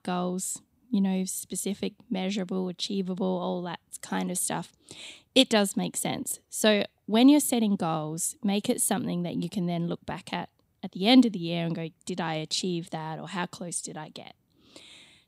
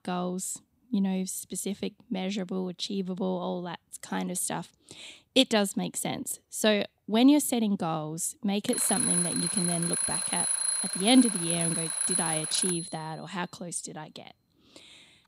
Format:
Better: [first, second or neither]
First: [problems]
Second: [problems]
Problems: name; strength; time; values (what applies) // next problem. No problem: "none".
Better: first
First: none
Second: alarm; loud; from 8.5 to 13 s; peak 5 dB above the speech